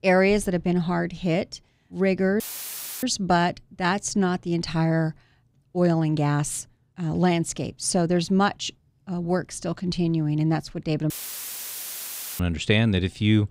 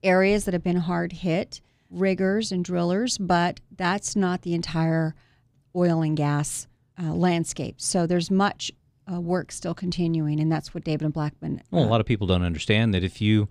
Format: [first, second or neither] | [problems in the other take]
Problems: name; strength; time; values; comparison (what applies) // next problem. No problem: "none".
second | audio cutting out; filled with static; at 2.5 s for 0.5 s and at 11 s for 1.5 s